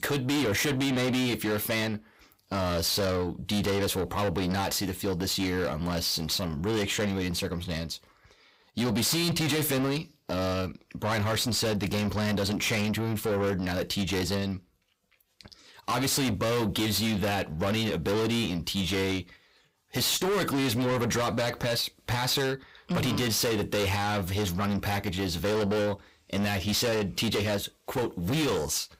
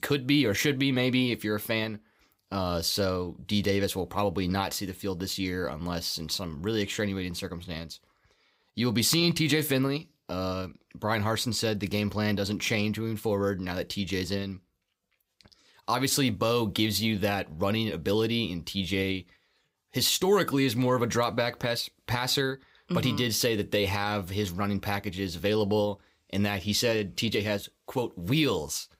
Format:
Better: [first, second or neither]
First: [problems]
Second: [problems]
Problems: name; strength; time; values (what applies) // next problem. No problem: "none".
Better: second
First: distortion; heavy; 6 dB below the speech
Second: none